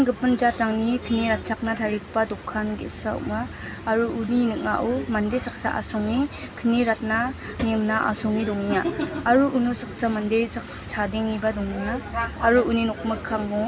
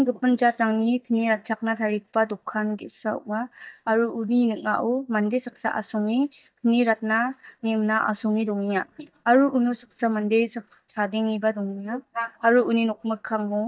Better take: first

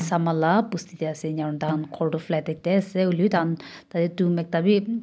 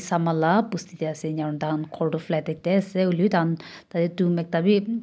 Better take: second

